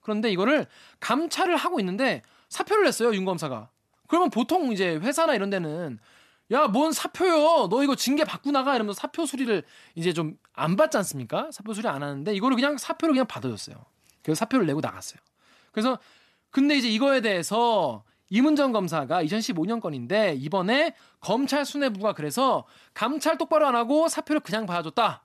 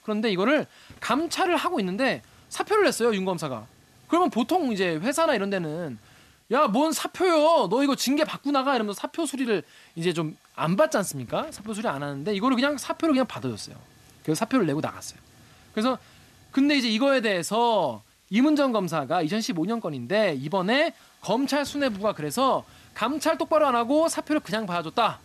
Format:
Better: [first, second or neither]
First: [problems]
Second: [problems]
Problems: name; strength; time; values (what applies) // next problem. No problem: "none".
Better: first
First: none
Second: hiss; faint; throughout; 30 dB below the speech